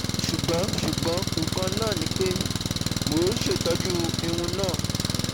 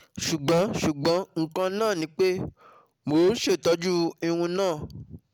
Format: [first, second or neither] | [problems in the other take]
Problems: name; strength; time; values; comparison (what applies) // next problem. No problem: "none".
second | background sound (Engine); 3 dB above the speech